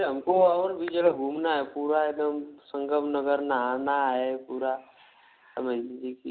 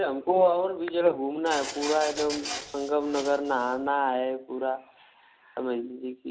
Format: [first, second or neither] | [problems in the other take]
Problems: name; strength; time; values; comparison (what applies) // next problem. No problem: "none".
first | background sound (Printer); 10 dB below the speech